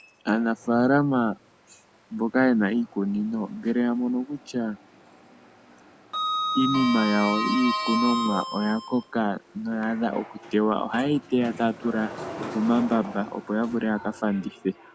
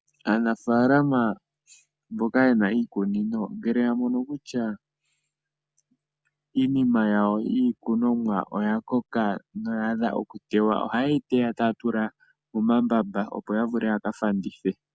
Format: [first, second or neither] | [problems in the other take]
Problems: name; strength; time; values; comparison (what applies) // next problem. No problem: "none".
second | background sound (Sliding door); 9 dB below the speech